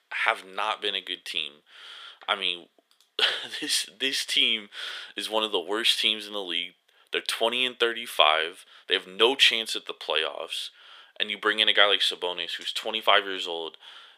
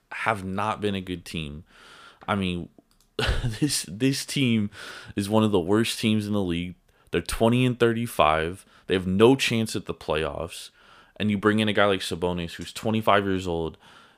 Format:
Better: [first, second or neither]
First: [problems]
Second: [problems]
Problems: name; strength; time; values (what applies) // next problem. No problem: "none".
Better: second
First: thin; very; fading below 450 Hz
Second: none